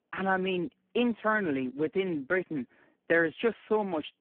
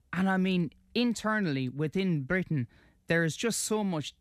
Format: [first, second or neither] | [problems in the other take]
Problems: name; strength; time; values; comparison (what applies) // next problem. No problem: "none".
second | phone-call audio; poor line; nothing above 3 kHz